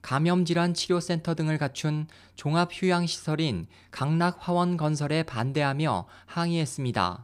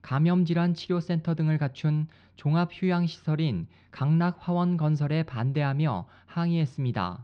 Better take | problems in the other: first | muffled; very slightly; fading above 4 kHz

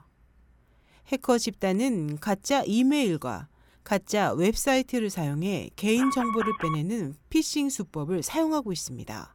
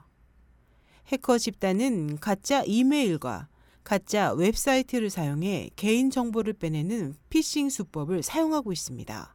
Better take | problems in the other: second | alarm; noticeable; at 6 s; peak 3 dB below the speech

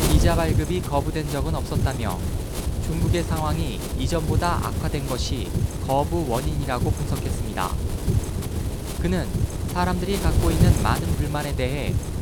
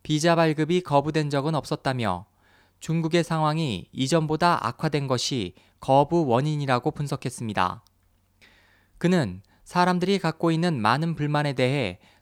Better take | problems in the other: second | wind noise on the microphone; heavy; 6 dB below the speech

